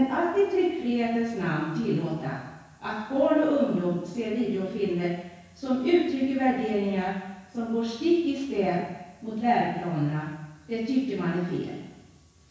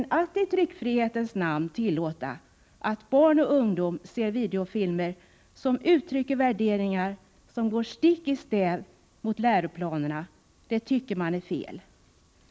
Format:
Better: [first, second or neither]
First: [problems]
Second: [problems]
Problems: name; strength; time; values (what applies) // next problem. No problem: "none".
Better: second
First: room echo; dies away in 1.1 s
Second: none